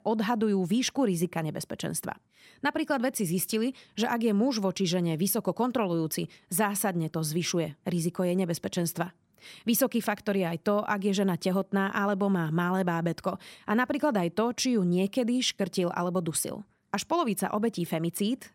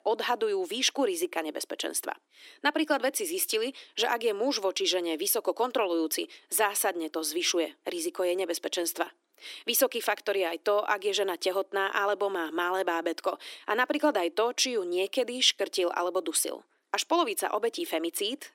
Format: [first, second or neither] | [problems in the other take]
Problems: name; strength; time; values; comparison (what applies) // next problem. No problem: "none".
first | thin; very; fading below 300 Hz